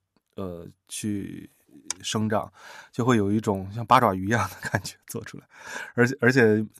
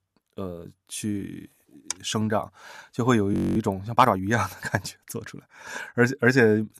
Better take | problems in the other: first | audio freezing; at 3.5 s

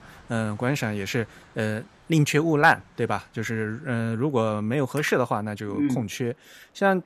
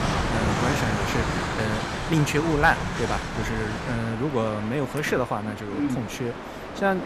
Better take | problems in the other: first | train or aircraft noise; loud; throughout; 3 dB below the speech; faint in the first

